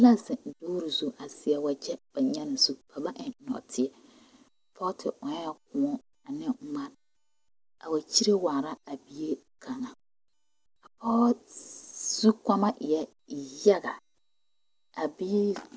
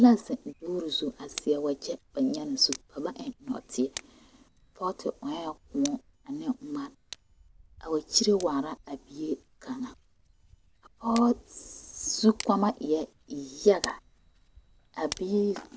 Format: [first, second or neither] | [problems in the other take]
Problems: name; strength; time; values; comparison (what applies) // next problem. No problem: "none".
first | background sound (Tick); 18 dB below the speech